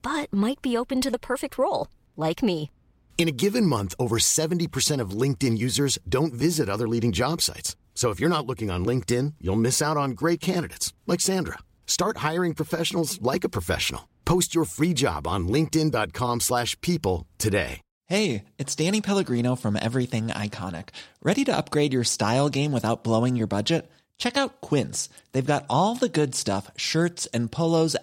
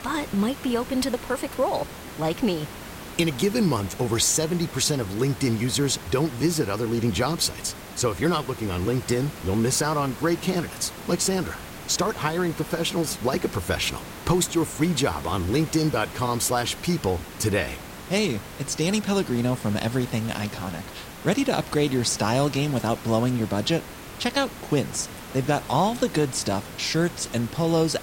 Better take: first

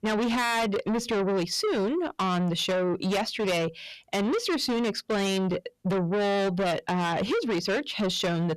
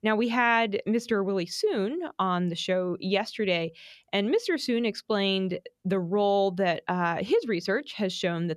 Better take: second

